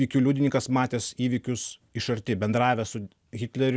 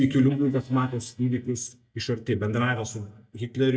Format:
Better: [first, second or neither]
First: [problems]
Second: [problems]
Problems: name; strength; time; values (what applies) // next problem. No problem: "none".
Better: first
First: none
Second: noise reduction (neural mask model DeepFilterNet 3)